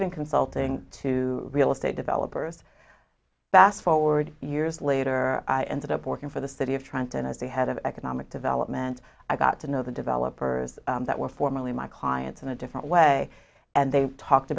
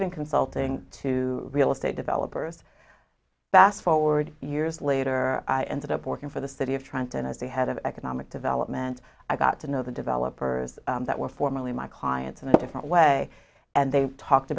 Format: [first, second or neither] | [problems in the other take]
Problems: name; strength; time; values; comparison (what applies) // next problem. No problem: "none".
first | background sound (Tap); 4 dB above the speech